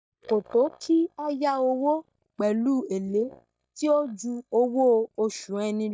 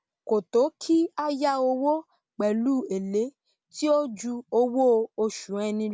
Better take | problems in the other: second | noise reduction (neural mask model DeepFilterNet 3)

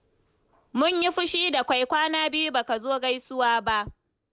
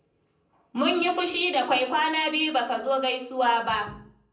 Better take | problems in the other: first | room echo; dies away in 0.6 s

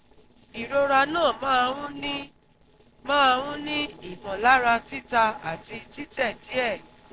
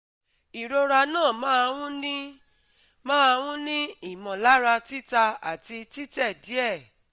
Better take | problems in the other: second | noise reduction (neural separator model SepFormer DNS4)

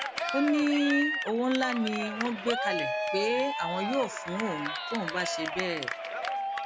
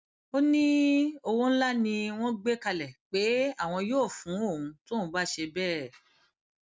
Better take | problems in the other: second | background sound (Cheering); 3 dB below the speech

